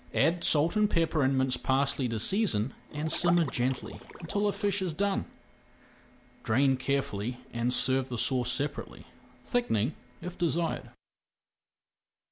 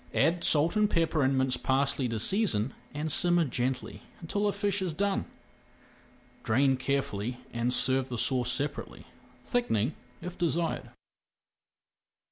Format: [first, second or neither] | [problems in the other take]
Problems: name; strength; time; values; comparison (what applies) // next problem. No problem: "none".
second | background sound (Liquid); 10 dB below the speech